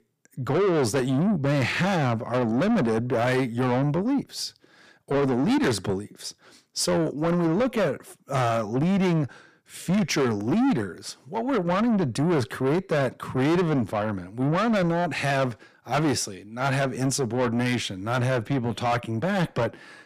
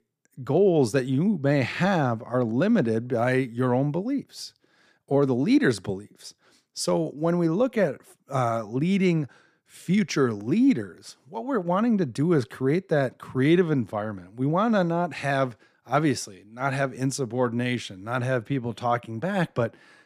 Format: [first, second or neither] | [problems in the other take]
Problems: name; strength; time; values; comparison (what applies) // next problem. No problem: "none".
second | distortion; heavy; 7 dB below the speech